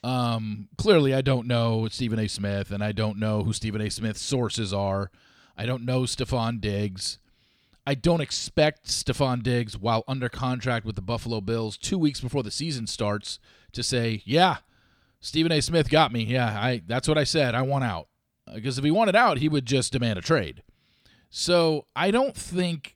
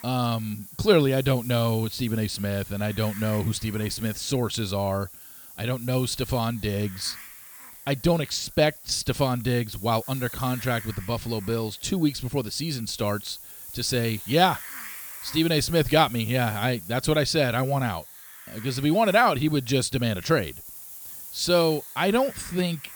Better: first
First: none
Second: hiss; noticeable; throughout; 15 dB below the speech

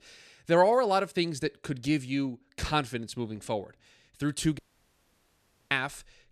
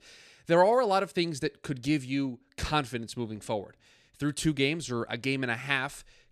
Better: second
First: audio cutting out; at 4.5 s for 1 s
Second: none

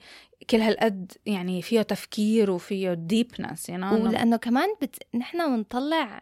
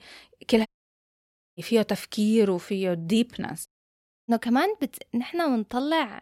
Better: first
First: none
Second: audio cutting out; at 0.5 s for 1 s and at 3.5 s for 0.5 s

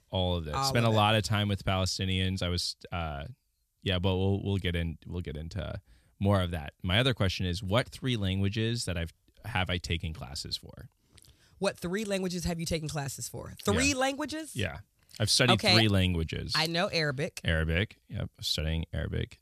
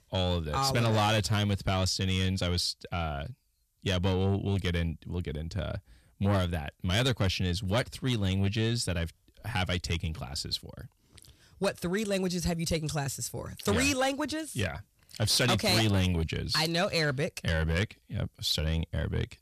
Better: first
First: none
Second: distortion; slight; 10 dB below the speech

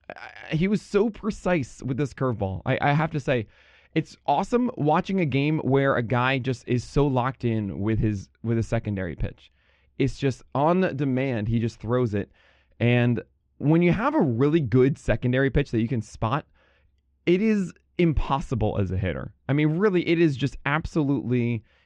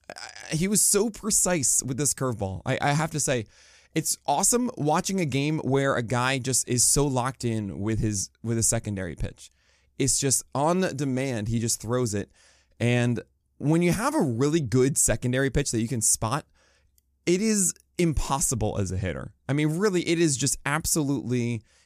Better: second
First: muffled; very; fading above 3 kHz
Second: none

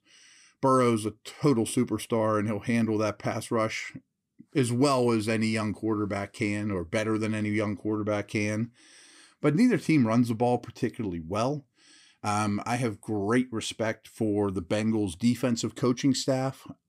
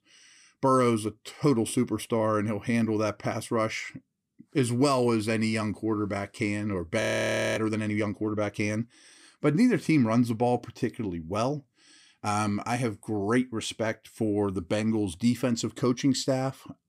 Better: first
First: none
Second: audio freezing; at 7 s for 0.5 s

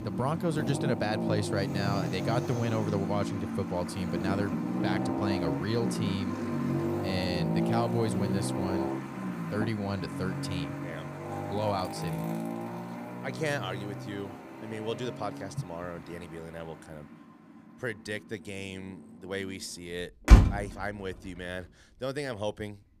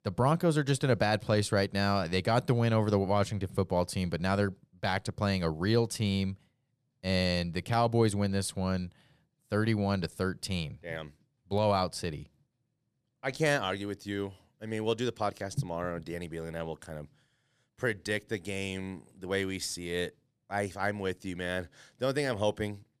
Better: second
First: traffic noise; very loud; throughout; 3 dB above the speech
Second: none

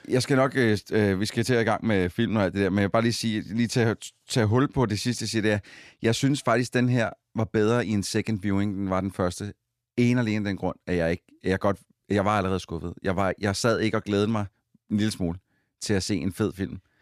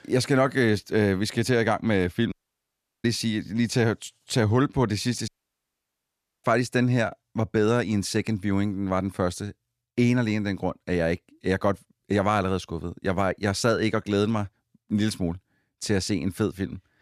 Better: first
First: none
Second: audio cutting out; at 2.5 s for 0.5 s and at 5.5 s for 1 s

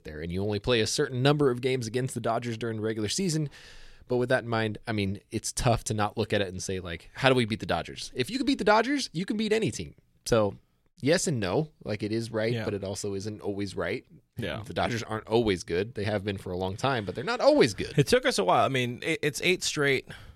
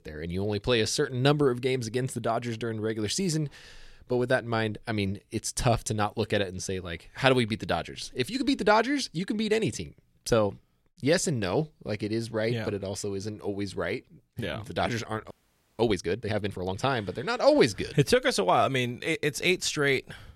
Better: first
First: none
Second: audio freezing; at 15 s

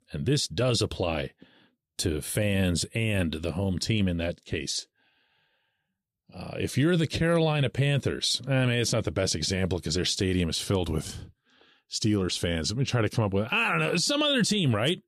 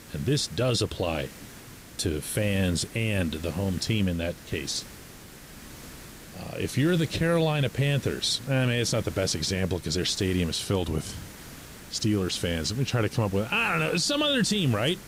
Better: first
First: none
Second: hiss; noticeable; throughout; 15 dB below the speech

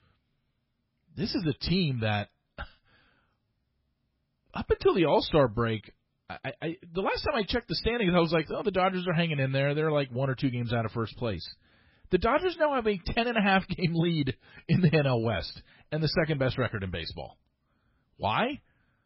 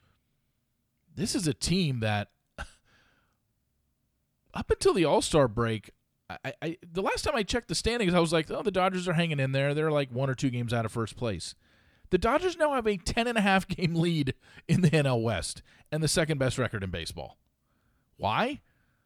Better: second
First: garbled, watery; badly; nothing above 5.5 kHz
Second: none

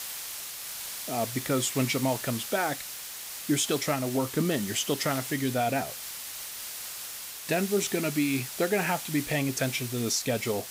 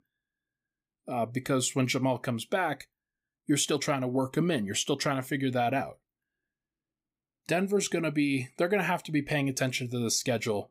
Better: second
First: hiss; loud; throughout; 7 dB below the speech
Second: none

